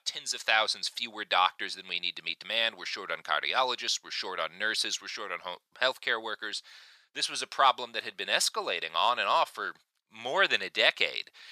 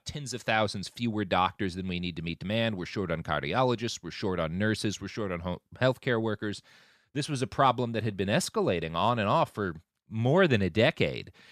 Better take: second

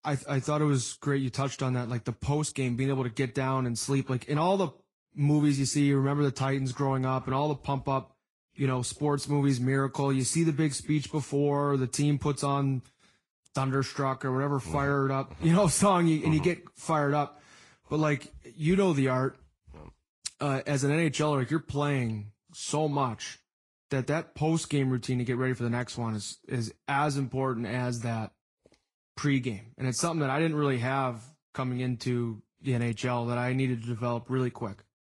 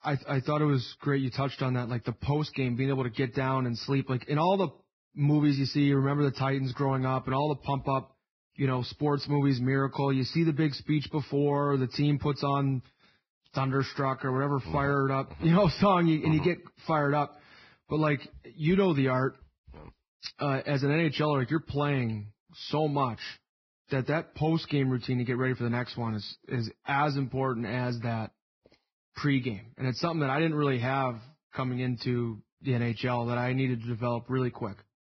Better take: first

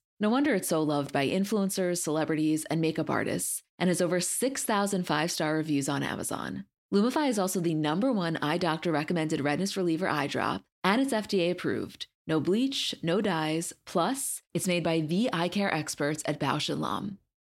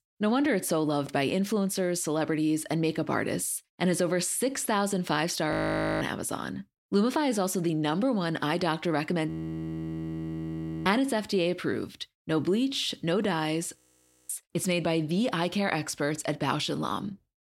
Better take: first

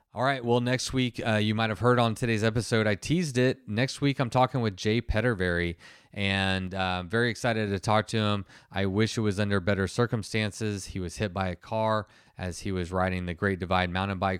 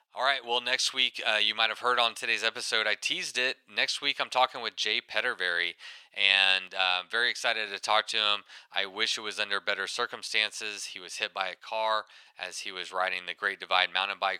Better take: first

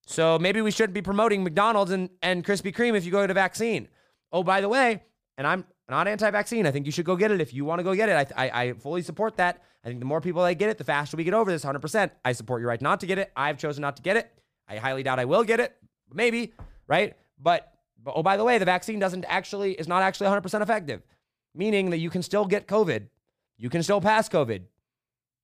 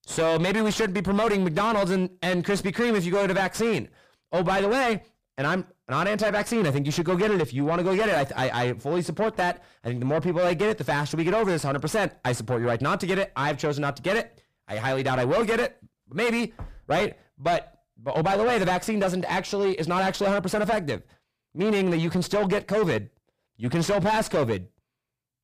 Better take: first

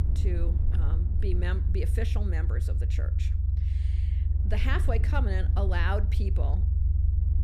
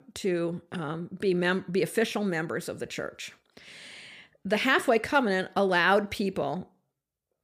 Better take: second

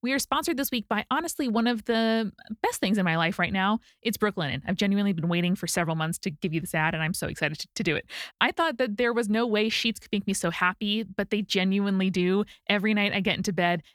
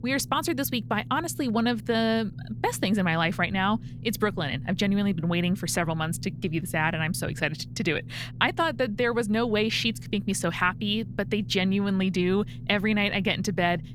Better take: first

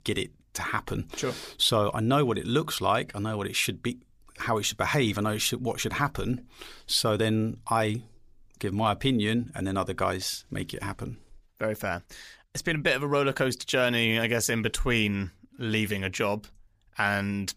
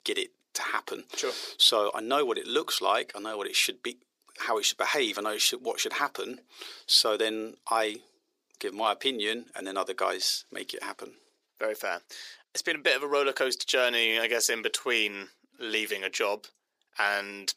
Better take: first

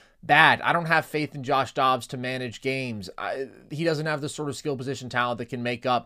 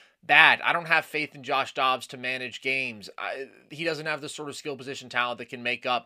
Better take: first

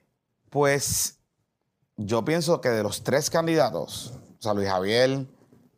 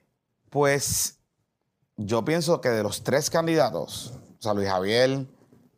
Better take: neither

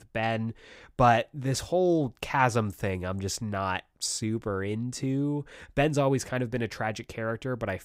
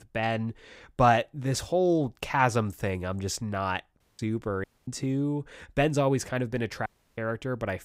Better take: first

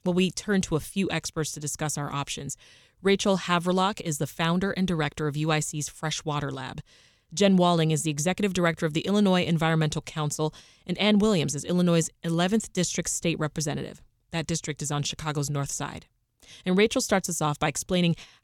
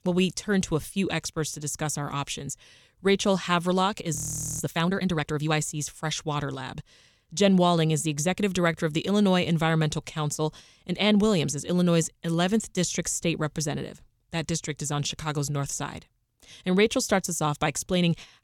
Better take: first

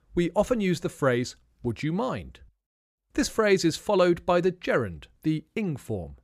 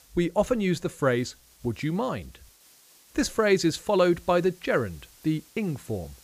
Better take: first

